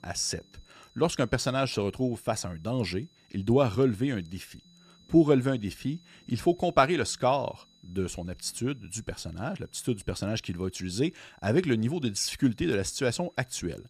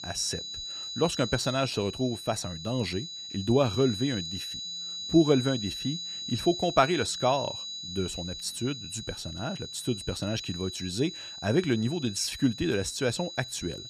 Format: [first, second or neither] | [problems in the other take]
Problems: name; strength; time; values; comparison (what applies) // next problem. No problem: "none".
first | high-pitched whine; loud; throughout; 4 kHz, 7 dB below the speech; faint in the first